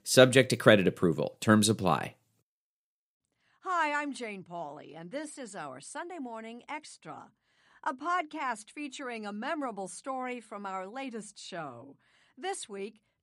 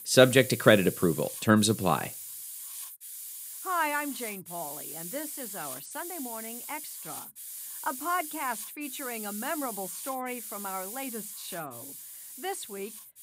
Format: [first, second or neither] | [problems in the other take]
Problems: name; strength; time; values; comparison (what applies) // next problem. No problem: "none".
first | hiss; loud; throughout; 9 dB below the speech